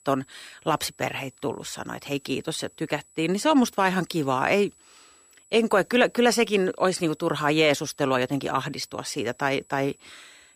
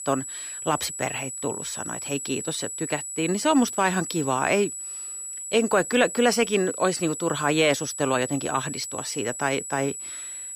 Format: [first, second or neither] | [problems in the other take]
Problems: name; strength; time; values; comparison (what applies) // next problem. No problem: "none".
first | high-pitched whine; loud; throughout; 8 kHz, 7 dB below the speech; faint in the first